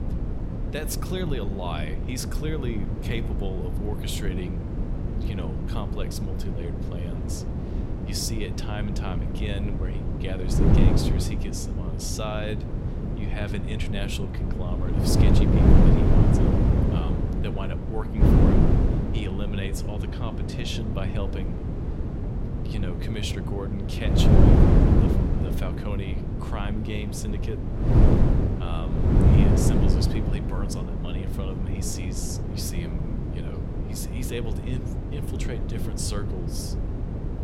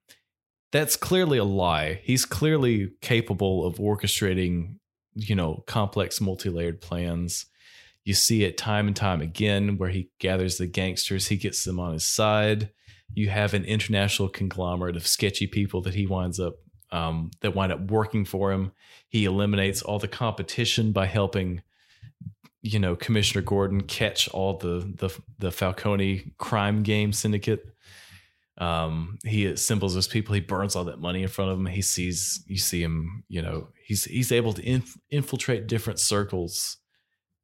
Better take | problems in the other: second | wind noise on the microphone; heavy; 3 dB above the speech

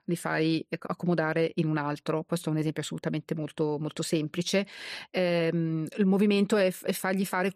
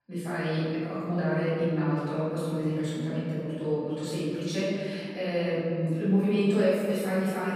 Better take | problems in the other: first | off-mic speech; far // room echo; strong; dies away in 2.1 s

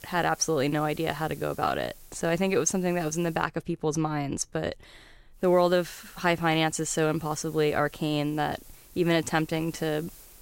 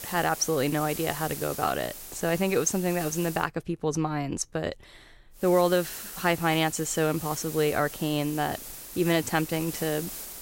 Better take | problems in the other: first | hiss; loud; until 3.5 s and from 5.5 s on; 10 dB below the speech; faint in the first

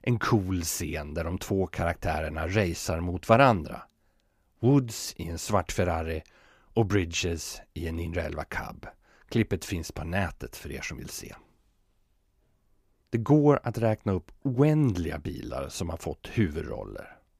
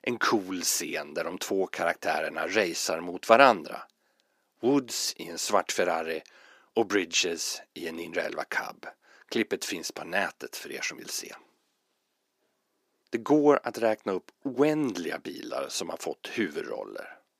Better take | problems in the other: first | thin; somewhat; fading below 300 Hz

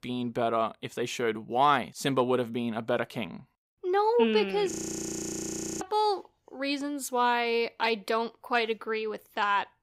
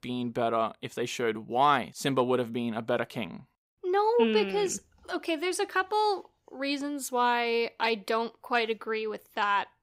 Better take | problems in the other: second | audio freezing; at 4.5 s for 1 s

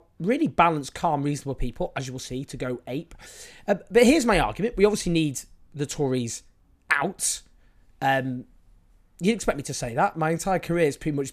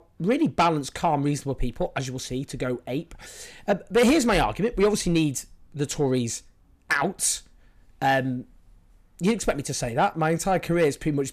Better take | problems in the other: first | distortion; slight; 10 dB below the speech

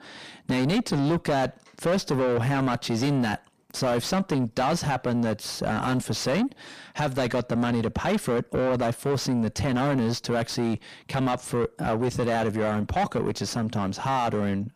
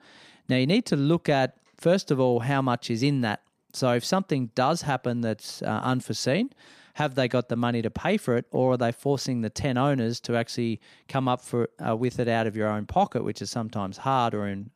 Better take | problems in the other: second | distortion; heavy; 6 dB below the speech

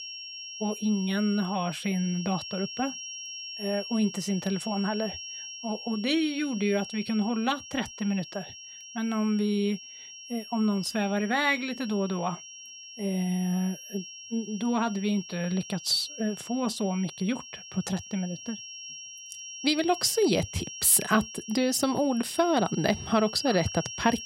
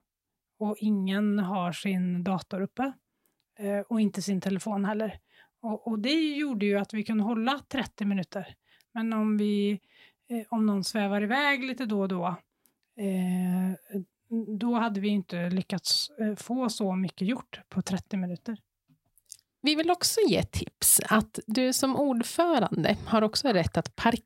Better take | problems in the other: second | high-pitched whine; noticeable; throughout; 5.5 kHz, 10 dB below the speech

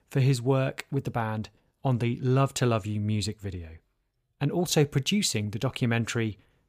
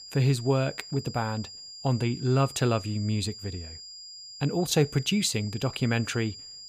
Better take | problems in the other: first | high-pitched whine; noticeable; throughout; 5 kHz, 15 dB below the speech

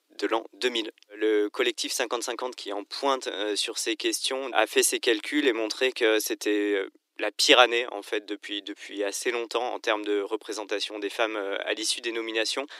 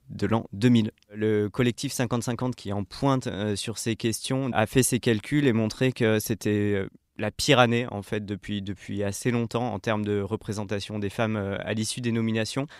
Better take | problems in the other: second | thin; very; fading below 300 Hz

